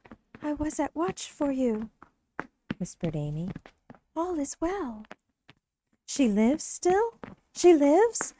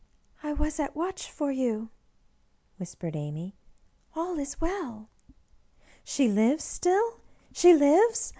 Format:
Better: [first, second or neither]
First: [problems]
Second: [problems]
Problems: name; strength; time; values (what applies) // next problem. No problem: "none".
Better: second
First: noise reduction (neural mask model RNNoise)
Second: none